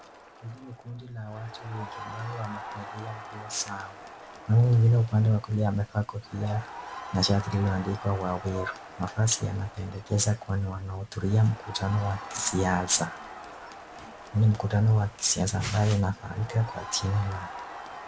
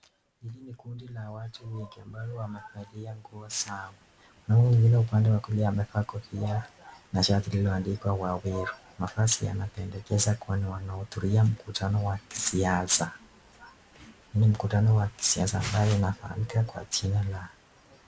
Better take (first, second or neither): second